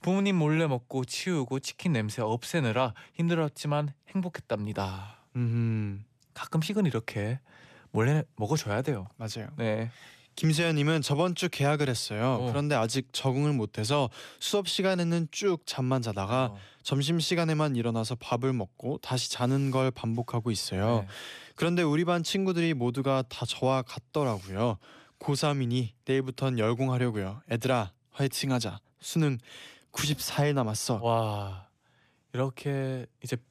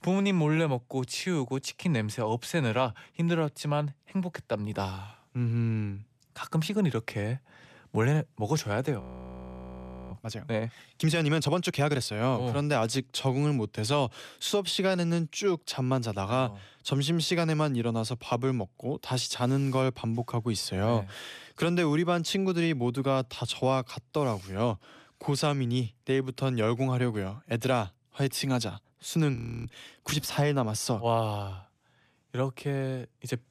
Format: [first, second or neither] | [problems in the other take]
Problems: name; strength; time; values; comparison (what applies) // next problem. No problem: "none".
first | audio freezing; at 9 s for 1 s and at 29 s